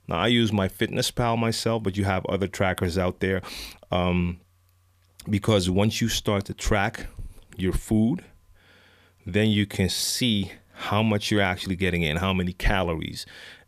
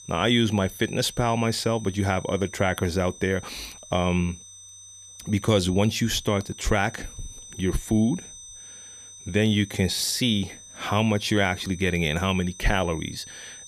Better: first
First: none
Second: high-pitched whine; noticeable; throughout; 6 kHz, 15 dB below the speech

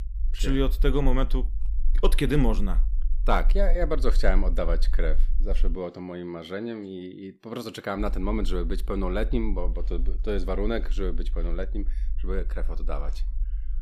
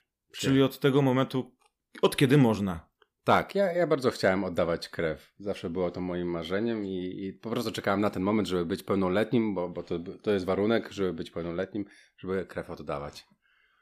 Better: second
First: low rumble; faint; until 5.5 s and from 8 s on; 25 dB below the speech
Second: none

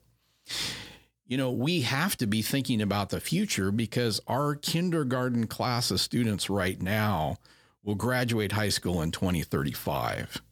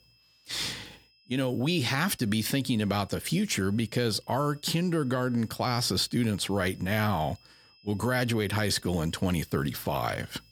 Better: first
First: none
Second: high-pitched whine; faint; throughout; 5 kHz, 30 dB below the speech

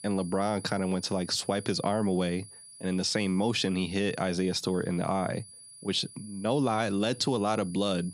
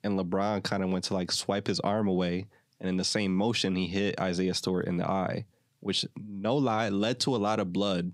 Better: second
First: high-pitched whine; noticeable; throughout; 10 kHz, 15 dB below the speech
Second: none

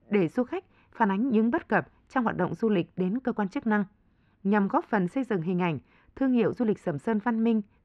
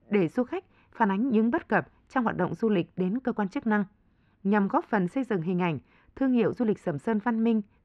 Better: neither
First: muffled; very; fading above 2 kHz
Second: muffled; very; fading above 2 kHz

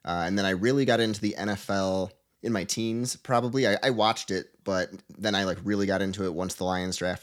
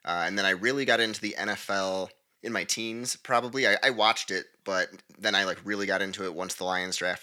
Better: first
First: none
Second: thin; somewhat; fading below 600 Hz

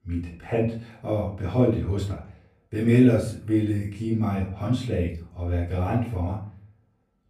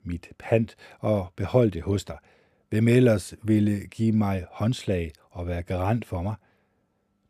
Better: second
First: off-mic speech; far // room echo; slight; dies away in 0.4 s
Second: none

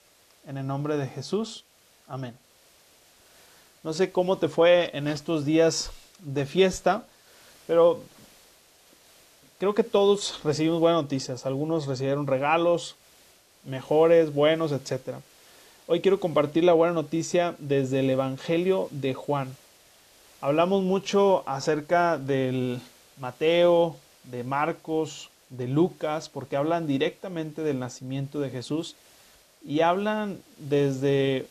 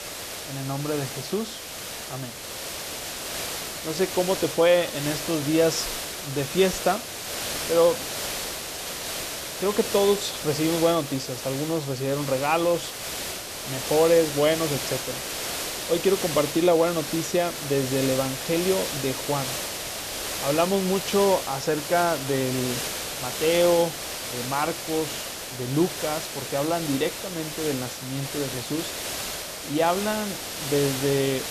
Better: first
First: hiss; faint; throughout; 30 dB below the speech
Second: hiss; loud; throughout; 5 dB below the speech

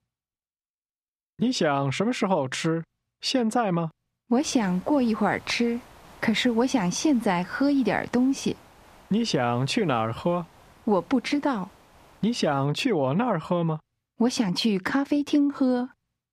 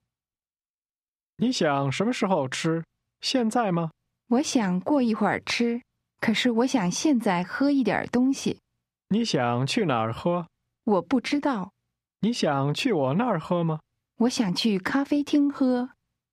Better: second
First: hiss; faint; from 4.5 to 13 s; 25 dB below the speech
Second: none

